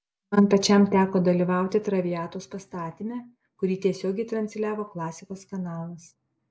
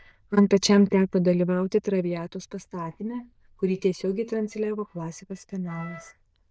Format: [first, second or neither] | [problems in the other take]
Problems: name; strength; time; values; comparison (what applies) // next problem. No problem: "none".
first | noise reduction (neural diffusion model UNIVERSE++)